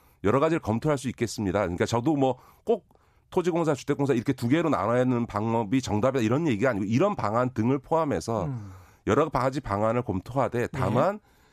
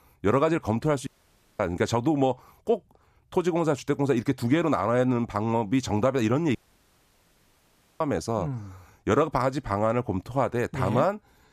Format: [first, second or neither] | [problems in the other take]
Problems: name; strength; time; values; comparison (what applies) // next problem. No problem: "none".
first | audio cutting out; at 1 s for 0.5 s and at 6.5 s for 1.5 s